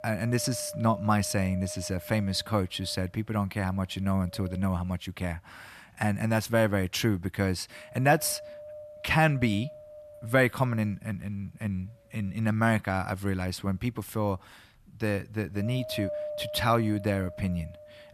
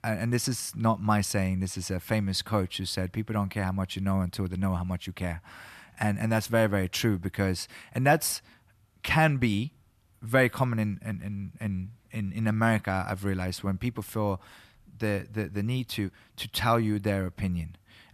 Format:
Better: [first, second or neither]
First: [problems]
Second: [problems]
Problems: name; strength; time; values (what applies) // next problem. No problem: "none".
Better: second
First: wind noise on the microphone; occasional gusts; 10 dB below the speech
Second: none